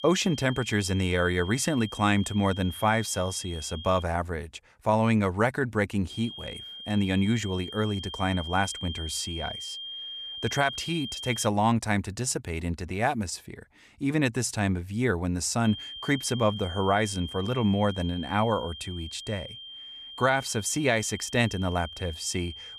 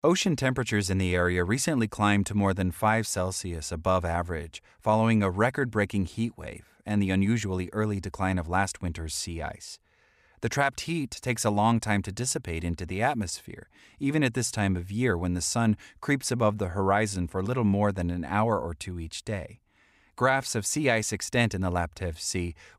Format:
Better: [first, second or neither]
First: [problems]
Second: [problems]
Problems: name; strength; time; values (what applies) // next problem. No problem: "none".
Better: second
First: high-pitched whine; noticeable; until 4 s, from 6 to 11 s and from 16 s on; 3 kHz, 10 dB below the speech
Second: none